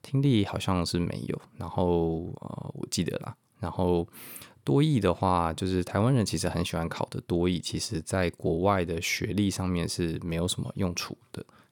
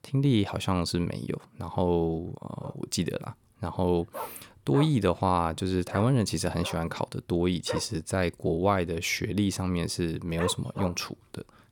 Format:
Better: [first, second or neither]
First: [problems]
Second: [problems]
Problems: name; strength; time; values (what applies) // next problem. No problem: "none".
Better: first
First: none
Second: dog barking; noticeable; from 2.5 to 11 s; peak 7 dB below the speech